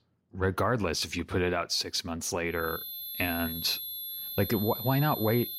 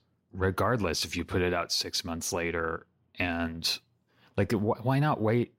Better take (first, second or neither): second